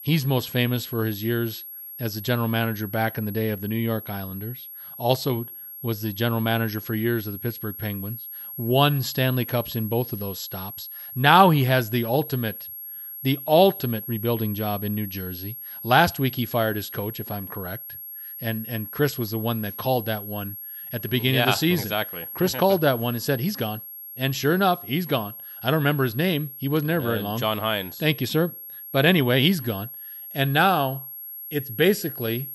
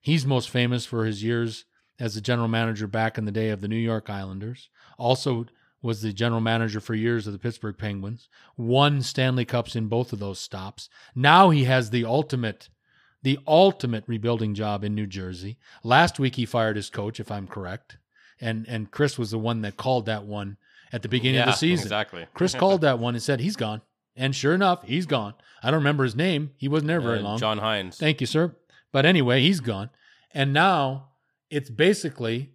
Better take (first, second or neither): second